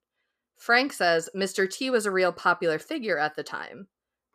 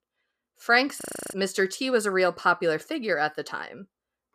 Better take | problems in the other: first | audio freezing; at 1 s

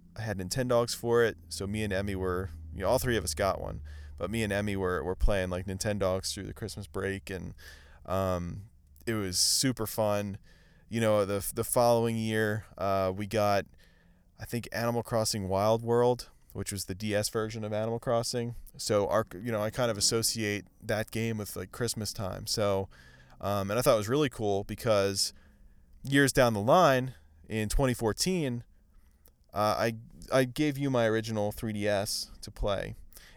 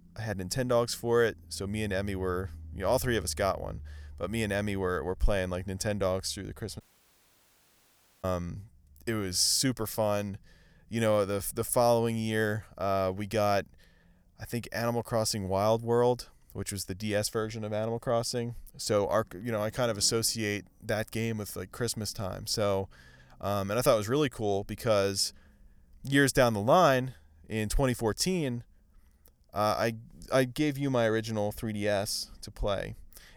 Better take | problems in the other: first | audio cutting out; at 7 s for 1.5 s

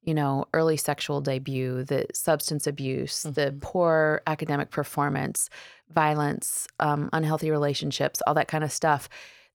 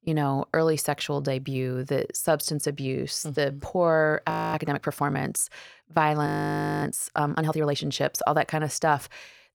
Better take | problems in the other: first | audio freezing; at 4.5 s and at 6.5 s for 0.5 s

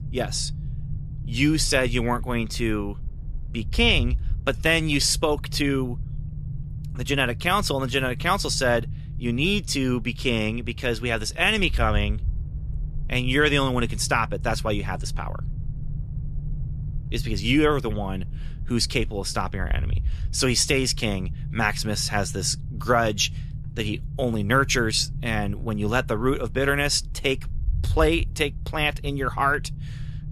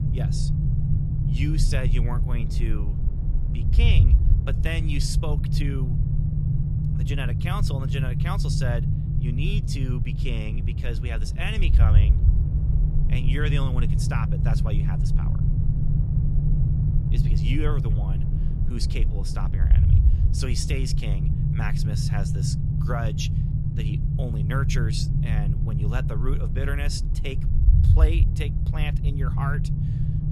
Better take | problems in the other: first | low rumble; loud; throughout; 2 dB below the speech; faint in the first

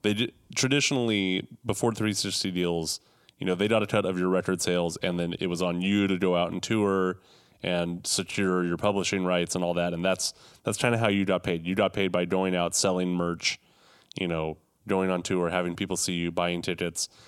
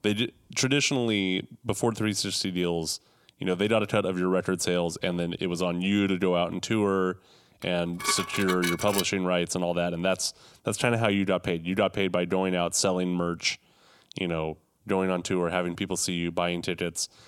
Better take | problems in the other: first | clattering dishes; noticeable; from 7.5 to 9 s; peak 2 dB below the speech

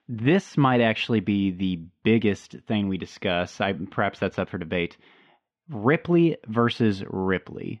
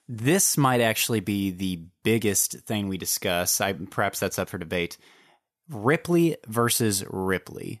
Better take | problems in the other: second | muffled; very; fading above 3 kHz

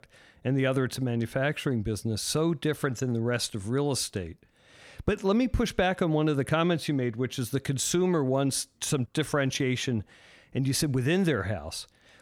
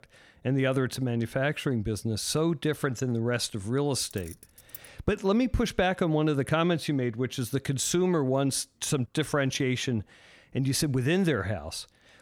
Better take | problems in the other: first | jangling keys; faint; at 4 s; peak 15 dB below the speech

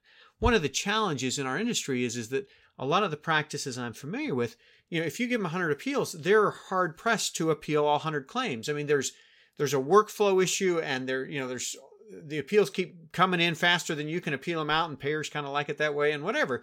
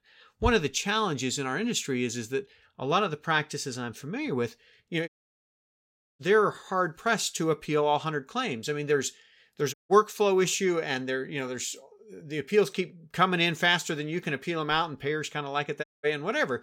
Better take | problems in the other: first | audio cutting out; at 5 s for 1 s, at 9.5 s and at 16 s

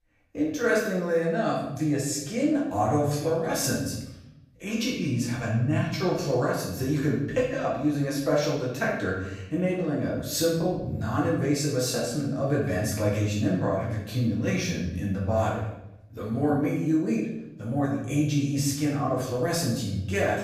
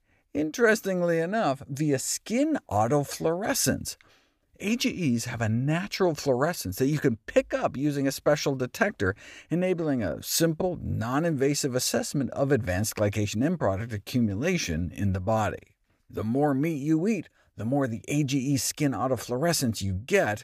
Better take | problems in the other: second | off-mic speech; far // room echo; noticeable; dies away in 0.8 s

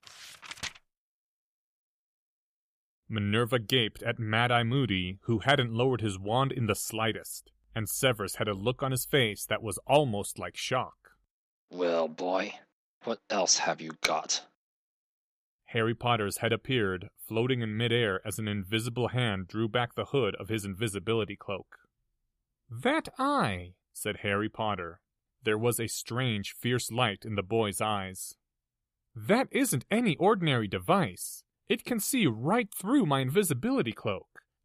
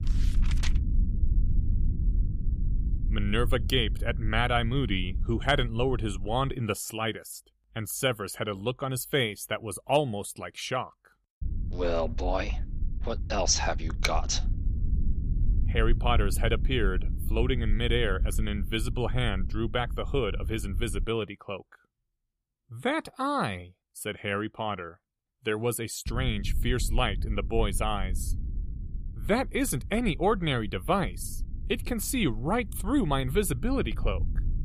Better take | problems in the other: first | low rumble; noticeable; until 6.5 s, from 11 to 21 s and from 26 s on; 20 dB below the speech

